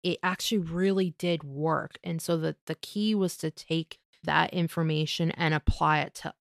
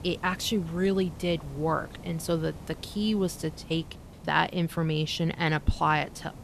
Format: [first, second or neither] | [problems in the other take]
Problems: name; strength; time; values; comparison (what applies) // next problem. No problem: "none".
first | hiss; noticeable; throughout; 15 dB below the speech